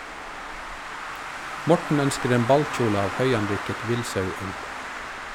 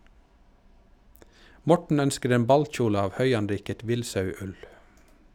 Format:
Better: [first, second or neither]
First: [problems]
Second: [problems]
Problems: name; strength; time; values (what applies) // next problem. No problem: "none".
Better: second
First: background sound (Traffic noise, roadway noise); 7 dB below the speech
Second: none